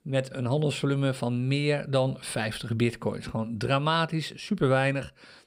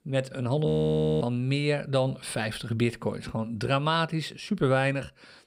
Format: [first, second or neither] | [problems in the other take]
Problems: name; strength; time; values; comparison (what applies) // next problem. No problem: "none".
first | audio freezing; at 0.5 s for 0.5 s